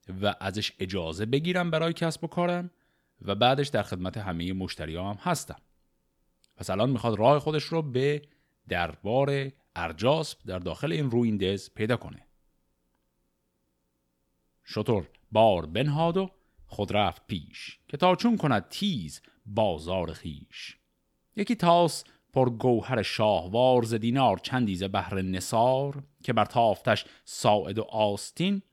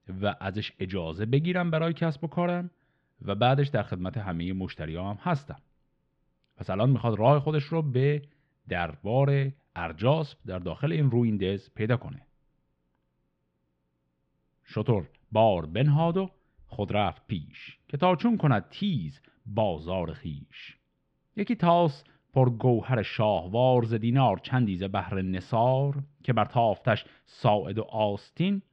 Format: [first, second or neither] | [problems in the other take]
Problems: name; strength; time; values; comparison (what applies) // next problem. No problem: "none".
first | muffled; slightly; fading above 3 kHz